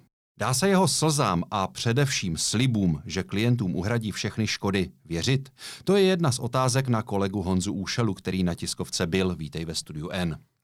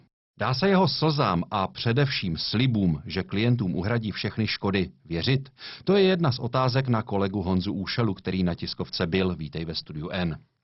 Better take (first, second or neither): first